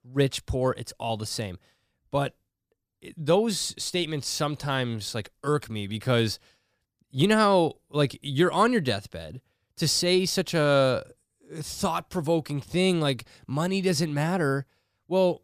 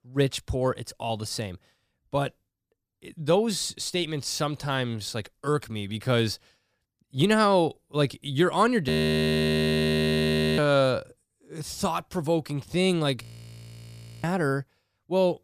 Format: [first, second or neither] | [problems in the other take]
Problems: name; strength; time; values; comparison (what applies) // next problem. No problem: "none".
first | audio freezing; at 9 s for 1.5 s and at 13 s for 1 s